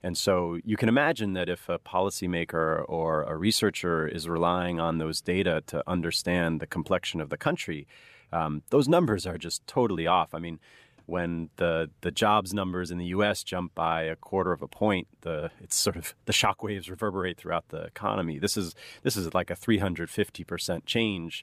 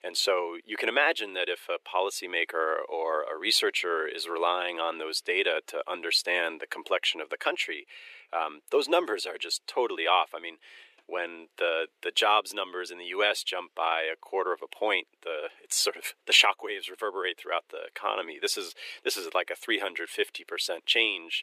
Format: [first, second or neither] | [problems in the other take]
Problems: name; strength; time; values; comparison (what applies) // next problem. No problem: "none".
first | thin; very; fading below 350 Hz